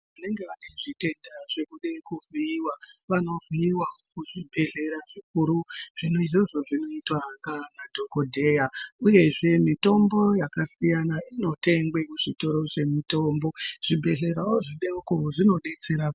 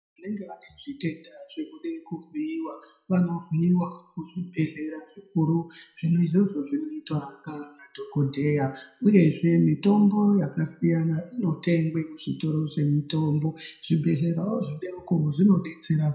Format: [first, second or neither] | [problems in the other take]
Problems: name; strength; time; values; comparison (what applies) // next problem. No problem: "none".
first | room echo; dies away in 0.5 s